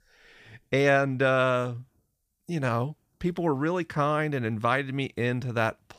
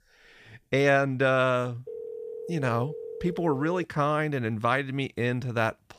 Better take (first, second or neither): first